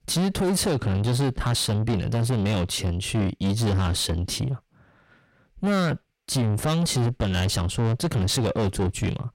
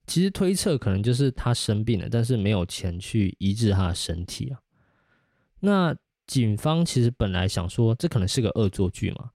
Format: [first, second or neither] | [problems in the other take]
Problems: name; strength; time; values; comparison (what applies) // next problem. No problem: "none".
second | distortion; heavy; 7 dB below the speech